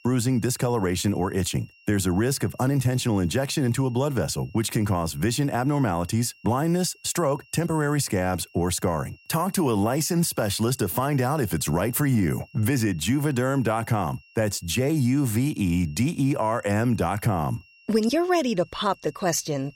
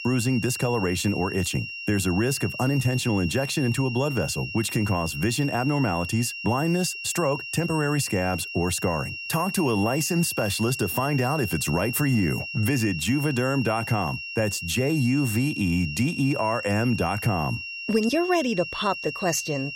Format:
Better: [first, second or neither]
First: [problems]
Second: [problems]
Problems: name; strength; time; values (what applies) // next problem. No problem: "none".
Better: first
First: high-pitched whine; faint; throughout; 3 kHz, 30 dB below the speech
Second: high-pitched whine; loud; throughout; 3 kHz, 7 dB below the speech